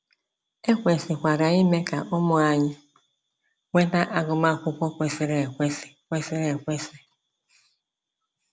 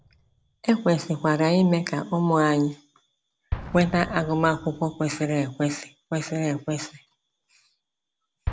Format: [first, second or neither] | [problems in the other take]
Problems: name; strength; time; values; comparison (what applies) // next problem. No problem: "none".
first | background sound (Explosion); 16 dB below the speech